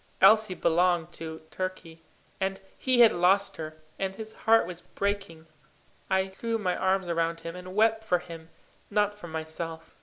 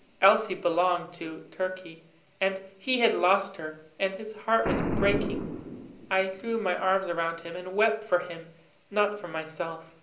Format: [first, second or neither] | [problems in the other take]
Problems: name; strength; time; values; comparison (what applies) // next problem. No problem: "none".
first | background sound (Boom); 10 dB below the speech // room echo; dies away in 0.5 s